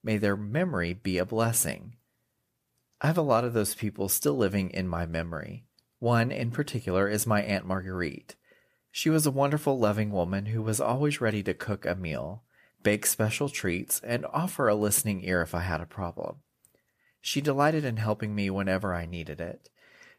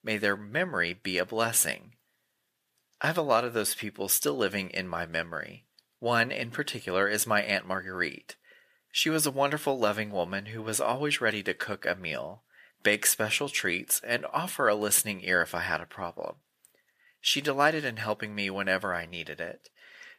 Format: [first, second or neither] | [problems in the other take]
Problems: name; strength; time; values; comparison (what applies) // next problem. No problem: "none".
first | thin; somewhat; fading below 1 kHz